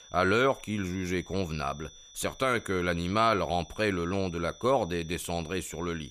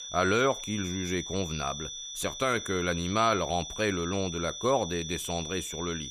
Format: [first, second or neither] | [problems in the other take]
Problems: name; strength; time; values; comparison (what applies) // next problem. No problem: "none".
first | high-pitched whine; loud; throughout; 6 kHz, 7 dB below the speech; faint in the first